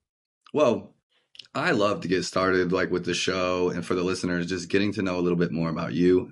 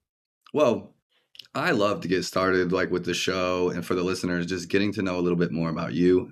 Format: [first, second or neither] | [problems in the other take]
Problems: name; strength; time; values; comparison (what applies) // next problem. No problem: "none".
second | garbled, watery; slightly; nothing above 11 kHz